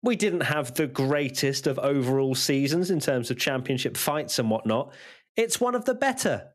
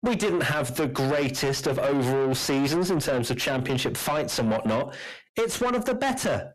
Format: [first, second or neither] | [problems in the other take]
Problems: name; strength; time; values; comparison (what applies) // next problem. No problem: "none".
first | distortion; heavy; 6 dB below the speech